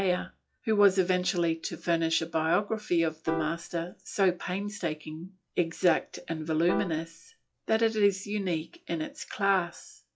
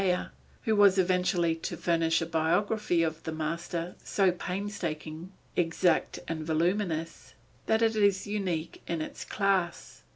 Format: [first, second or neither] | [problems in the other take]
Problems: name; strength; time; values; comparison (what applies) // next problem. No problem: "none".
second | noise reduction (classical method log-MMSE)